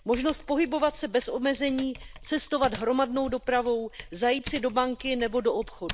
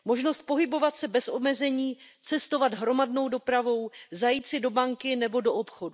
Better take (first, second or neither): second